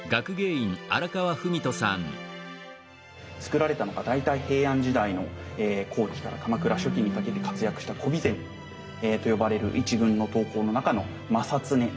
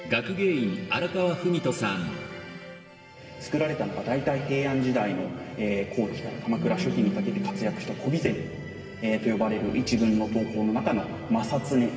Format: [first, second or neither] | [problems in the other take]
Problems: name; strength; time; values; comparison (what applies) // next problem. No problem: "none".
first | room echo; dies away in 2.5 s